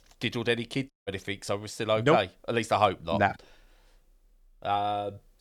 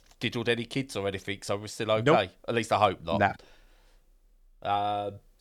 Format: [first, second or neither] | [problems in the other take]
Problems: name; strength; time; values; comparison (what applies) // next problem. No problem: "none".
second | audio cutting out; at 1 s